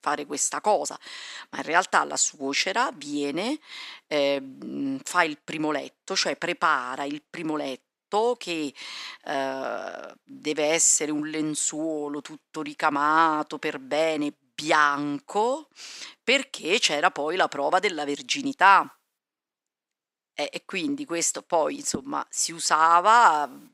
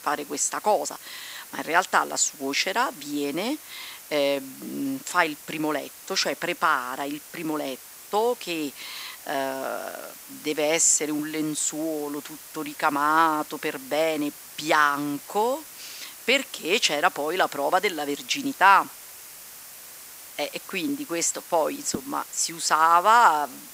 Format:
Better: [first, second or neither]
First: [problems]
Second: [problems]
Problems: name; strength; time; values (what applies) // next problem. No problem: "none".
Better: first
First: none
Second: hiss; noticeable; throughout; 15 dB below the speech